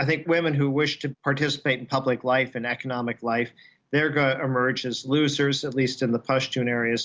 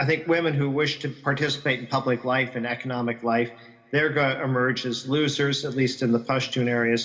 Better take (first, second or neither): first